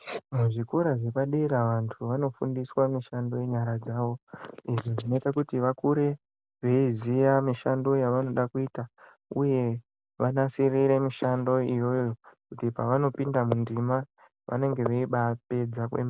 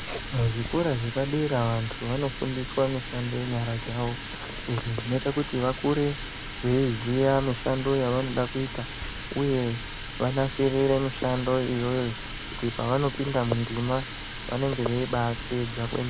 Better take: first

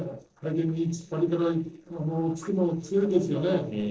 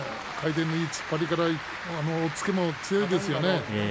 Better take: second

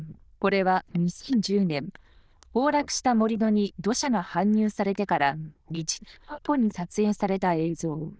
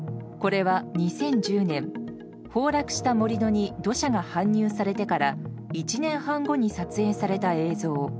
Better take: second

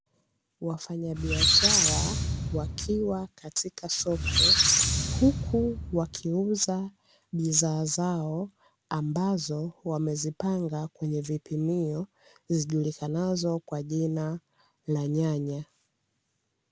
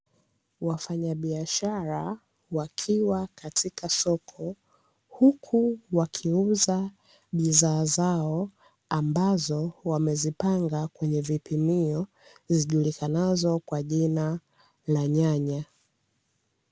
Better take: second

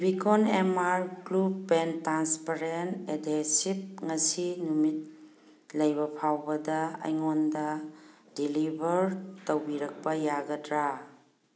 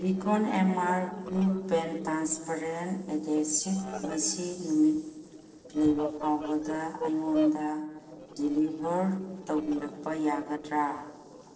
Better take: first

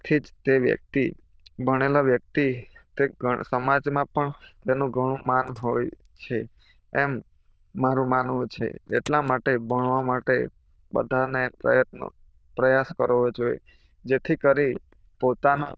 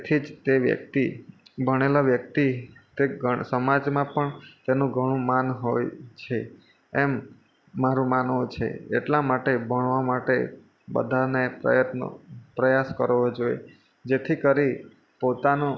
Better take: second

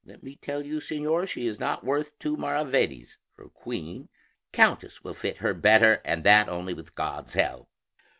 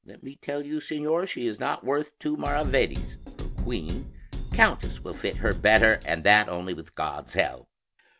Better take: first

